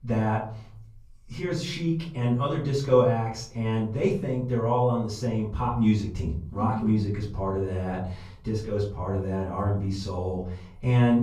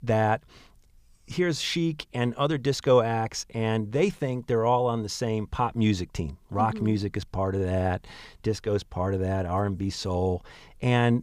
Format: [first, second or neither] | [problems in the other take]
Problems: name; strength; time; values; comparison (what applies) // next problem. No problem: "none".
second | off-mic speech; far // room echo; noticeable; dies away in 0.7 s